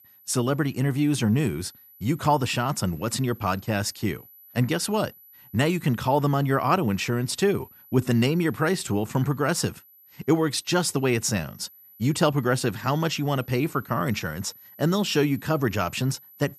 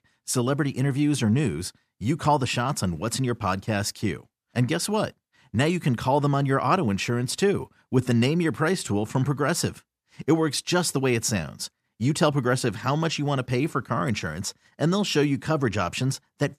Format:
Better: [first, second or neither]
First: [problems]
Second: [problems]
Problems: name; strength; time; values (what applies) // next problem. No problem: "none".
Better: second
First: high-pitched whine; faint; throughout; 12 kHz, 25 dB below the speech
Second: none